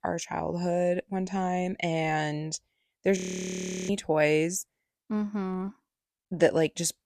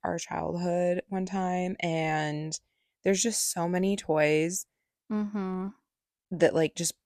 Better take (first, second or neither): second